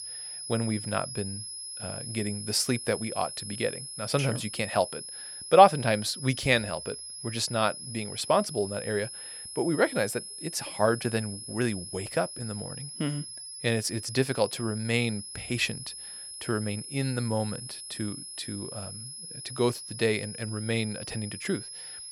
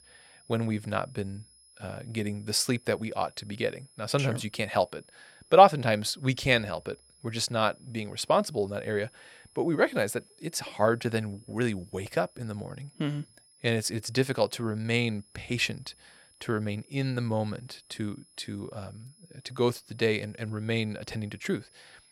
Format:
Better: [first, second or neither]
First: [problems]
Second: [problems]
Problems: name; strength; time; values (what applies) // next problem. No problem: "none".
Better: second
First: high-pitched whine; loud; throughout; 10.5 kHz, 9 dB below the speech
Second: high-pitched whine; faint; throughout; 10.5 kHz, 30 dB below the speech